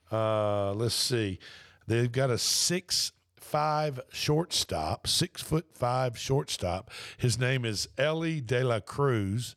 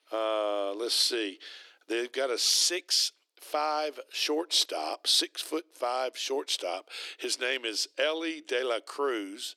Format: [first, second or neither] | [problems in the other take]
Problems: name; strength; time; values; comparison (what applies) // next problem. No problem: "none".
first | thin; very; fading below 300 Hz